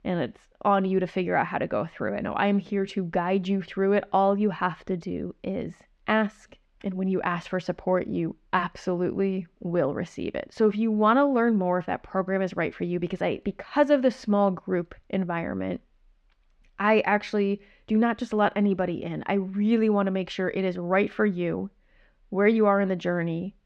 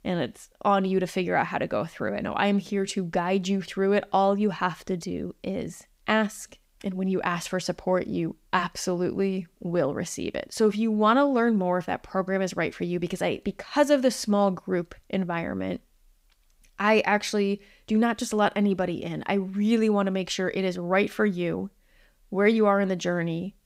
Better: second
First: muffled; slightly; fading above 2.5 kHz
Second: none

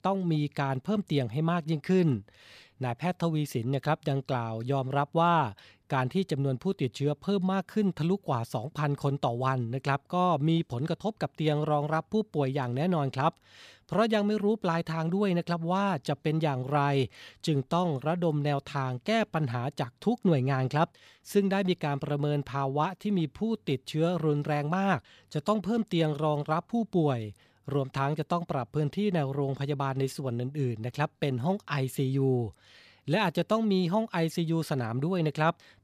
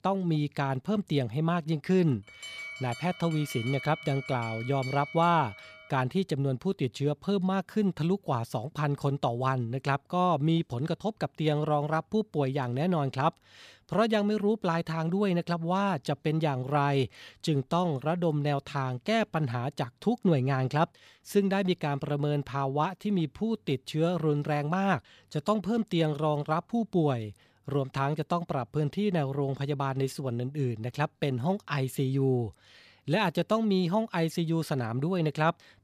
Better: first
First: none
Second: alarm; noticeable; from 2.5 to 6 s; peak 8 dB below the speech

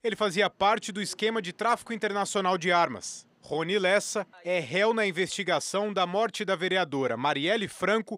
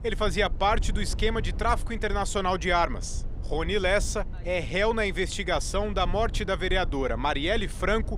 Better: first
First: none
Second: low rumble; faint; throughout; 25 dB below the speech

